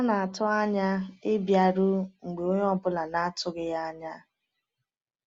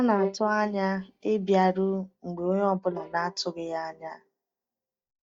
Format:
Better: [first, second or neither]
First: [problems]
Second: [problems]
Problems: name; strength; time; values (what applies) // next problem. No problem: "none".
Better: first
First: none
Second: noise reduction (neural mask model DeepFilterNet 3)